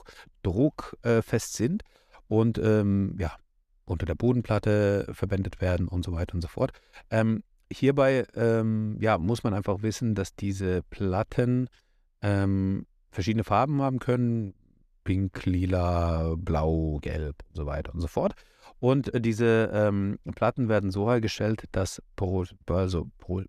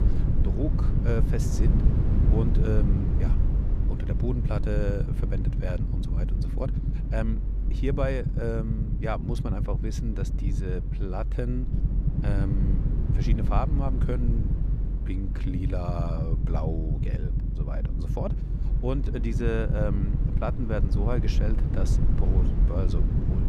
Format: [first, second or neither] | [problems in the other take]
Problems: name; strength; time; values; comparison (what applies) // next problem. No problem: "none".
first | low rumble; loud; throughout; 5 dB below the speech